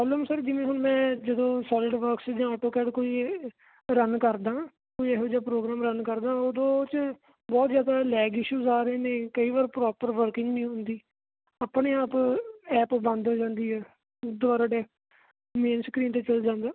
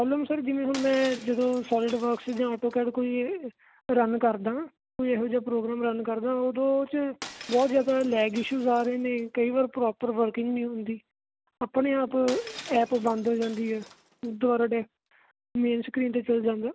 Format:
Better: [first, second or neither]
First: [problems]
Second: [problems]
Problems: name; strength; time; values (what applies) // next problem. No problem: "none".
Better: first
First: none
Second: background sound (Shatter); 19 dB below the speech